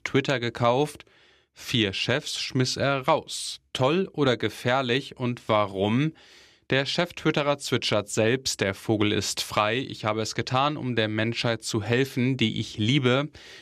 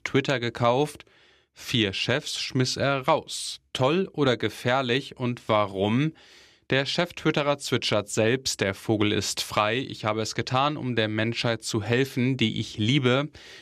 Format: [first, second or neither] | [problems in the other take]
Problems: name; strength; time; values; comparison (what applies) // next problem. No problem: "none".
neither | none